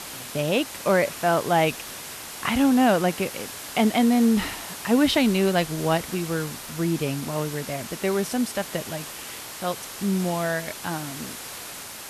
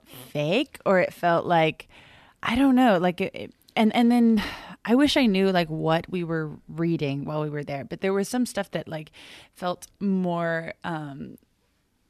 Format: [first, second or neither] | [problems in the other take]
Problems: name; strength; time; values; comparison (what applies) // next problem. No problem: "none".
second | hiss; noticeable; throughout; 10 dB below the speech